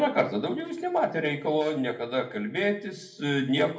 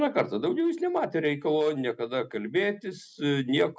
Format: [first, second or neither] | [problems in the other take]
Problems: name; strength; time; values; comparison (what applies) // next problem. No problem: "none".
second | room echo; dies away in 0.5 s